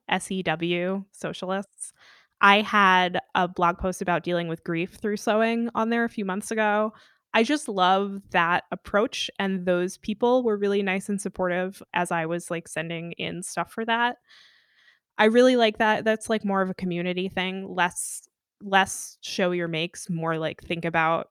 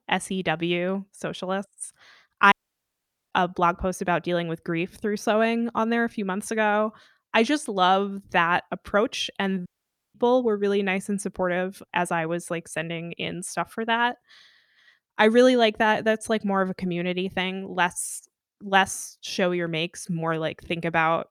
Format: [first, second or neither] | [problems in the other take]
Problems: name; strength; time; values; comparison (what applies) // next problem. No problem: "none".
first | audio cutting out; at 2.5 s for 1 s and at 9.5 s